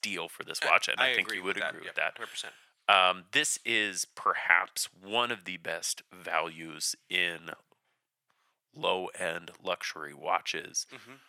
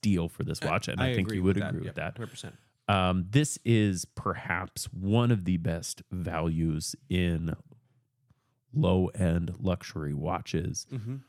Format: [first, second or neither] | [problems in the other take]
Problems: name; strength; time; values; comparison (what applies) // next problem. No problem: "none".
second | thin; very; fading below 800 Hz